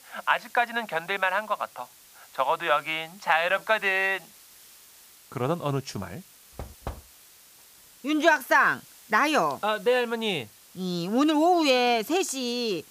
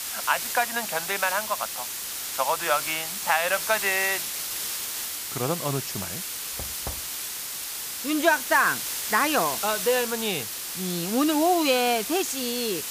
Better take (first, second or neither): first